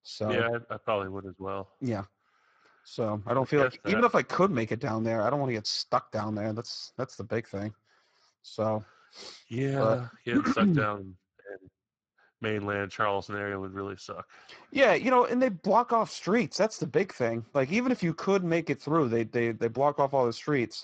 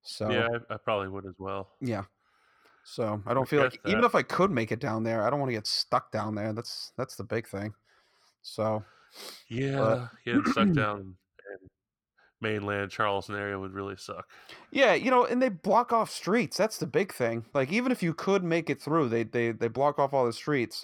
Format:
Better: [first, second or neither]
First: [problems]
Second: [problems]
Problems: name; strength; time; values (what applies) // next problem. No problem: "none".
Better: second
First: garbled, watery; badly; nothing above 7.5 kHz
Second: none